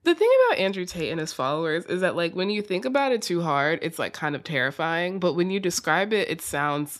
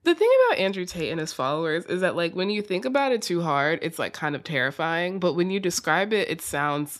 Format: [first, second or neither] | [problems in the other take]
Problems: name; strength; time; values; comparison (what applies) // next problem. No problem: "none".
neither | none